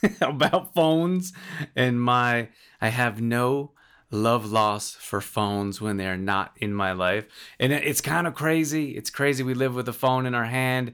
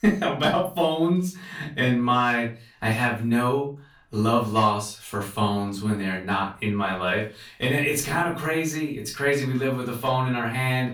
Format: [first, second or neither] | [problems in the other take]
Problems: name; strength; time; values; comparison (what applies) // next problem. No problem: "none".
first | off-mic speech; far // room echo; slight; dies away in 0.3 s